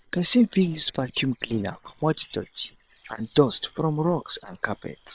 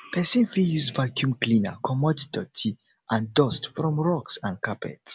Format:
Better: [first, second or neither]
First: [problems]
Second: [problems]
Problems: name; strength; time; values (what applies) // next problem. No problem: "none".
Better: second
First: noise reduction (neural separator model SepFormer WHAM!)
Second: none